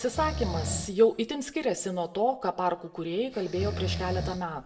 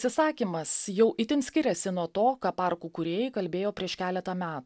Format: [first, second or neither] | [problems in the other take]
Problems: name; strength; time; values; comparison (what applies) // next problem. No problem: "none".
second | background sound (Breathing); 8 dB below the speech // room echo; dies away in 0.5 s